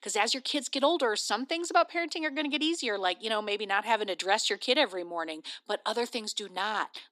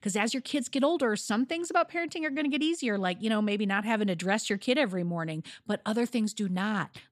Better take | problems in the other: second | thin; somewhat; fading below 300 Hz

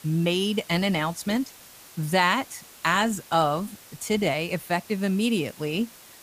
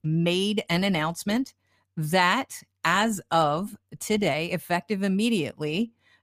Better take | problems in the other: second | hiss; faint; throughout; 20 dB below the speech

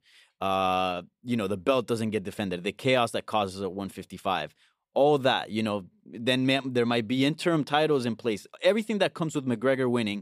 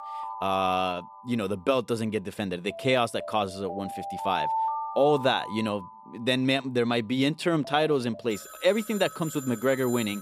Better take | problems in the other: first | alarms or sirens; loud; throughout; 9 dB below the speech

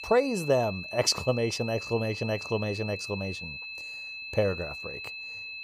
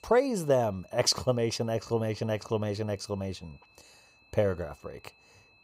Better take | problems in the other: second | high-pitched whine; loud; throughout; 2.5 kHz, 8 dB below the speech; faint in the second

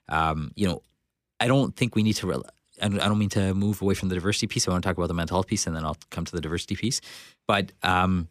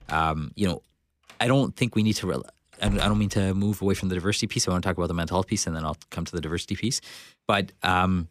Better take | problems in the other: first | door banging; noticeable; until 3.5 s; peak 8 dB below the speech

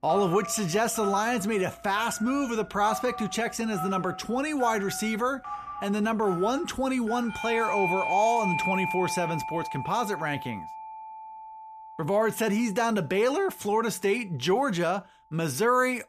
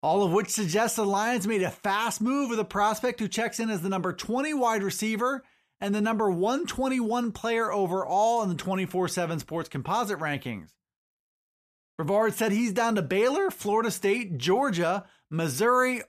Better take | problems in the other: second | alarms or sirens; loud; throughout; 7 dB below the speech

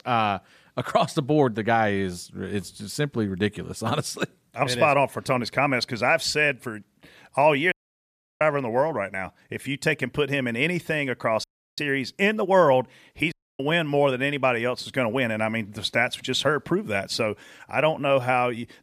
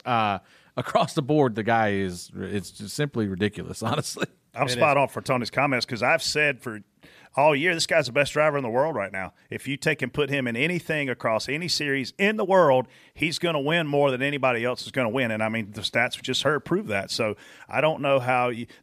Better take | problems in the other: second | audio cutting out; at 7.5 s for 0.5 s, at 11 s and at 13 s

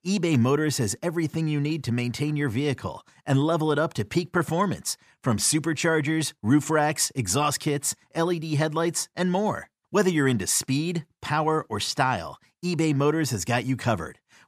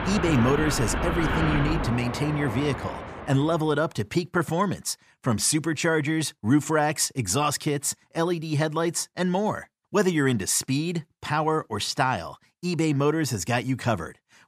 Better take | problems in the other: first | train or aircraft noise; loud; until 3.5 s; 4 dB below the speech

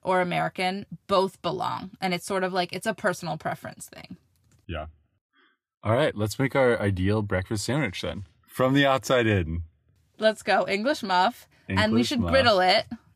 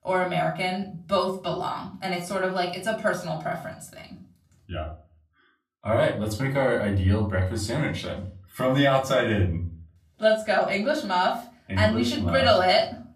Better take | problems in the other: first | off-mic speech; far // room echo; slight; dies away in 0.3 s

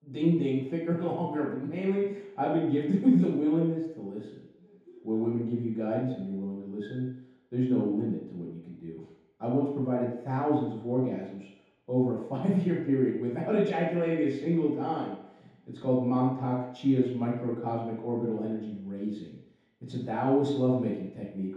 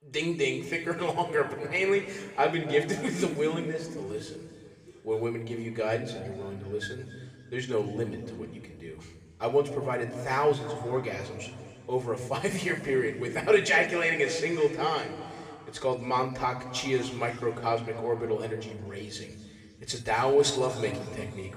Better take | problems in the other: second | room echo; strong; dies away in 0.8 s; slight in the second // off-mic speech; far; somewhat distant in the second

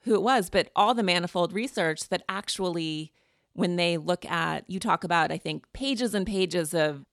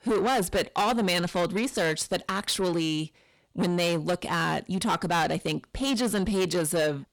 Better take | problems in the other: first | distortion; heavy; 7 dB below the speech

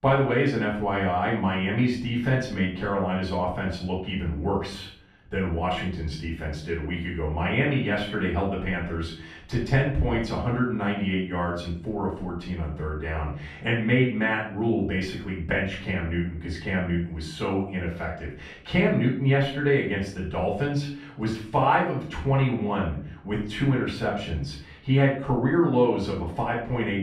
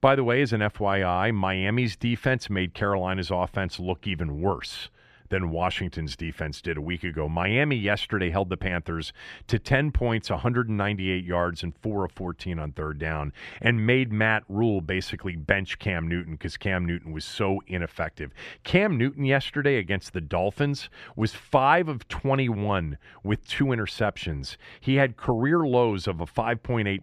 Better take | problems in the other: second | off-mic speech; far // room echo; noticeable; dies away in 0.5 s

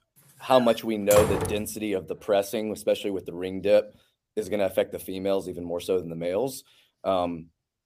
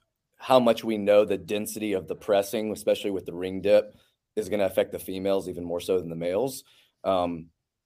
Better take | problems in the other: second | door banging; loud; from 0.5 to 1.5 s; peak 1 dB above the speech

